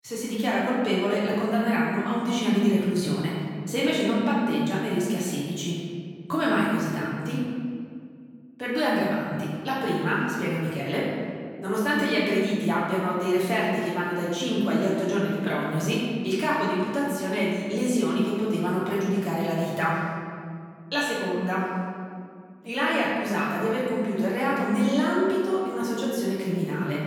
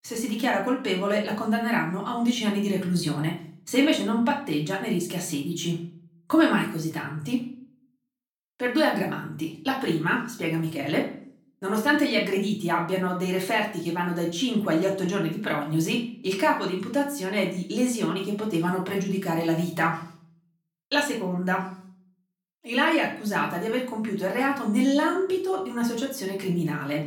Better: second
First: room echo; strong; dies away in 2 s // off-mic speech; far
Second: room echo; slight; dies away in 0.4 s // off-mic speech; far

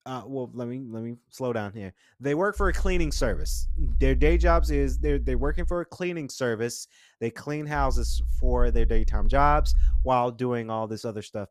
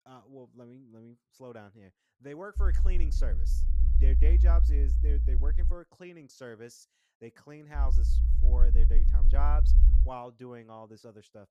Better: first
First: low rumble; faint; from 2.5 to 5.5 s and from 8 to 10 s; 25 dB below the speech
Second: low rumble; loud; from 2.5 to 5.5 s and from 8 to 10 s; 4 dB below the speech

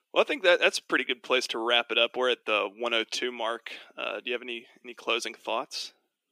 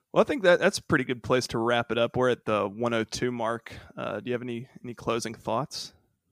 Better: second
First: thin; somewhat; fading below 300 Hz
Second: none

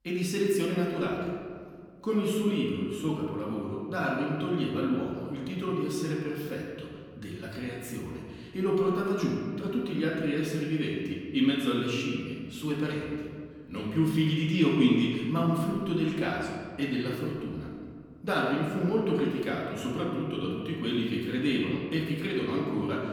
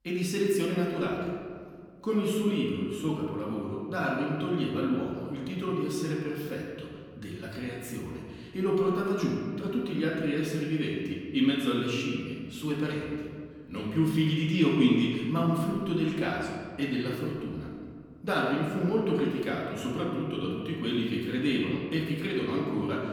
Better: neither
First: off-mic speech; far // room echo; noticeable; dies away in 1.8 s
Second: off-mic speech; far // room echo; noticeable; dies away in 1.8 s

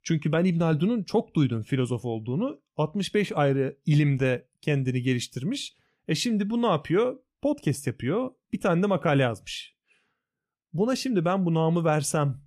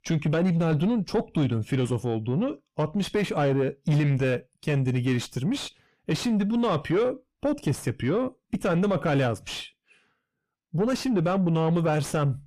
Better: first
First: none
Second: distortion; slight; 9 dB below the speech

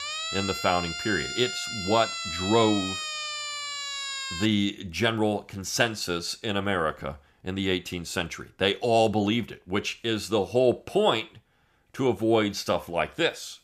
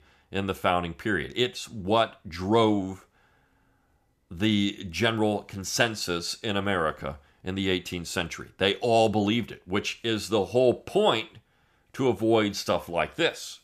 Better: second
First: siren; noticeable; until 4.5 s; peak 3 dB below the speech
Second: none

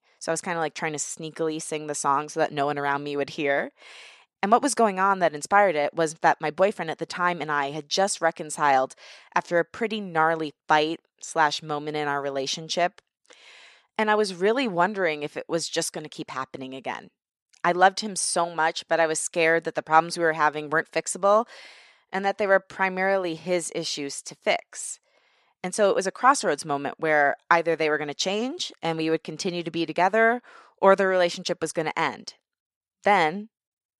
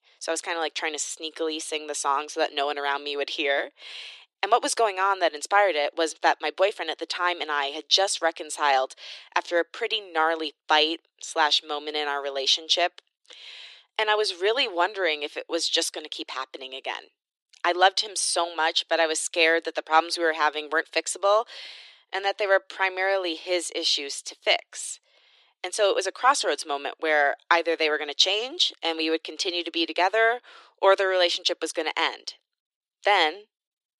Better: first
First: none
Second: thin; very; fading below 300 Hz

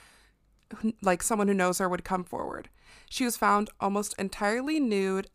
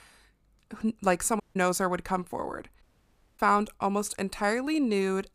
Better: first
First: none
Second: audio cutting out; at 1.5 s and at 3 s for 0.5 s

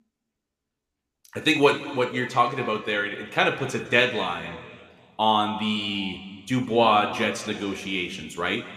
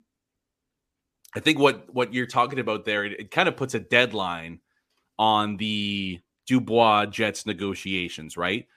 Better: second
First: room echo; slight; dies away in 1.7 s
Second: none

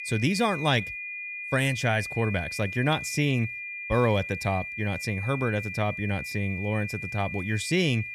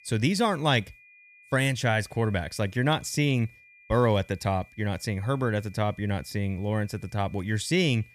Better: second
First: high-pitched whine; loud; throughout; 2.5 kHz, 6 dB below the speech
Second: high-pitched whine; faint; throughout; 2.5 kHz, 25 dB below the speech

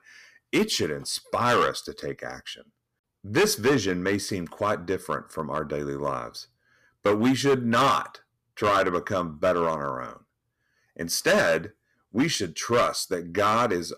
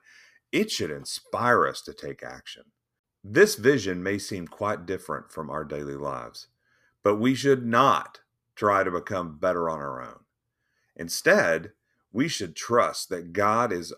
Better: second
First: distortion; heavy; 5% of the sound clipped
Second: none

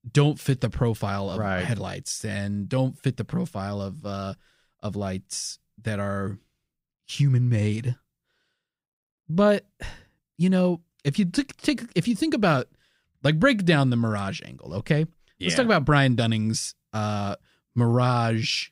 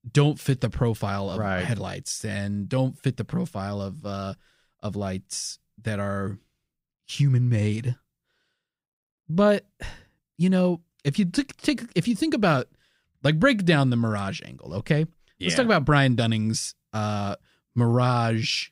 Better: neither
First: none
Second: none

